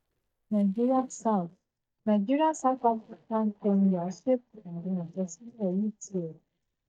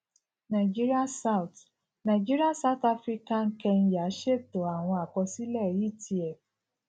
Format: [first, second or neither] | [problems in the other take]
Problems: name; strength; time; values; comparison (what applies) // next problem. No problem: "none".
second | noise reduction (neural mask model DeepFilterNet 3)